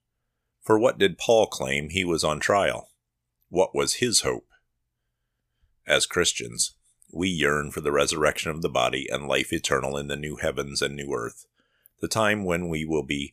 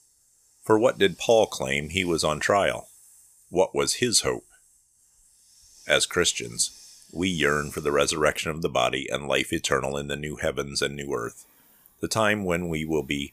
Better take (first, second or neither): first